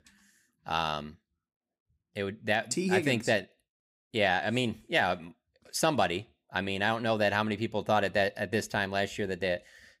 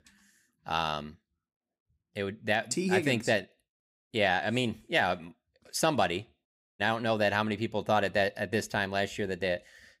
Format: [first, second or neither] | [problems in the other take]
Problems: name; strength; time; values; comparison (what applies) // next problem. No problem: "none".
first | audio cutting out; at 6.5 s